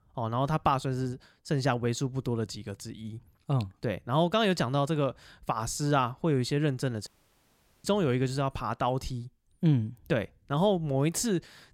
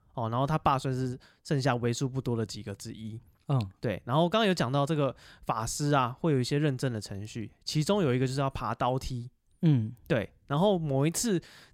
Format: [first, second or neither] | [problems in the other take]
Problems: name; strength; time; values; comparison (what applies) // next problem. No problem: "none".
second | audio cutting out; at 7 s for 1 s